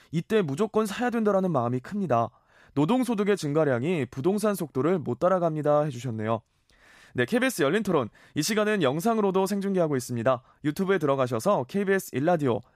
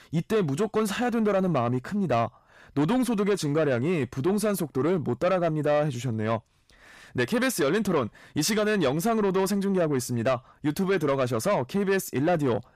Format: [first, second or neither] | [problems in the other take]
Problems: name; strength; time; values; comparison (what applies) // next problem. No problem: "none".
first | distortion; slight; 10 dB below the speech